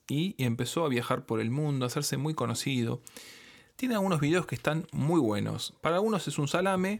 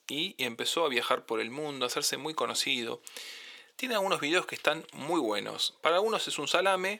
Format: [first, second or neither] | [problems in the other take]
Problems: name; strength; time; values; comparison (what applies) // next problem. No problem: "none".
first | thin; somewhat; fading below 500 Hz